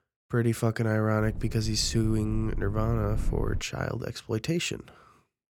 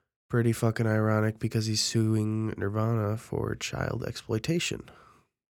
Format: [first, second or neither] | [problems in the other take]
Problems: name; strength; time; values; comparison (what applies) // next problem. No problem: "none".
second | low rumble; very faint; from 1 to 3.5 s; 20 dB below the speech